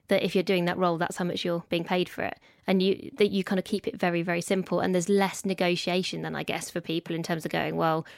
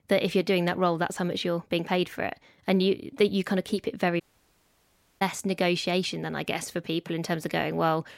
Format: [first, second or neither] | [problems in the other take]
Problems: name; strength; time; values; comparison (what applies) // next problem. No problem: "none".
first | audio cutting out; at 4 s for 1 s